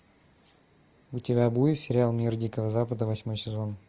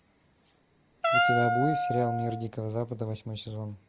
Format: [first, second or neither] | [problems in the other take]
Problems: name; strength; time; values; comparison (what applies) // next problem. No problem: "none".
first | background sound (Wind instrument, woodwind instrument); 4 dB above the speech